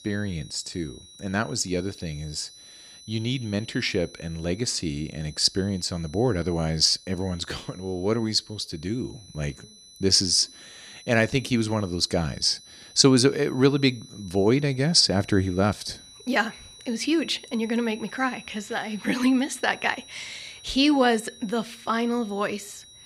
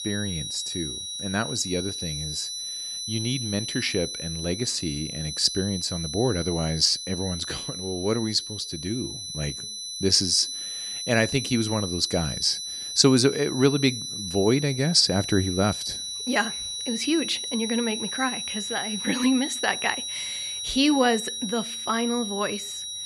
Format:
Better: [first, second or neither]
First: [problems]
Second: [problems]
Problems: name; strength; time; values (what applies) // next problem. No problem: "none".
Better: first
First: high-pitched whine; faint; throughout; 4 kHz, 20 dB below the speech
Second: high-pitched whine; loud; throughout; 4 kHz, 5 dB below the speech